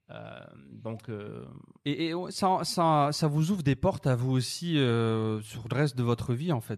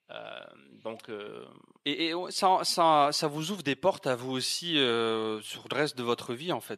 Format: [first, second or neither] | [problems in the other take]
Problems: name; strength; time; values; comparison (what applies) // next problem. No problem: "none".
first | thin; somewhat; fading below 350 Hz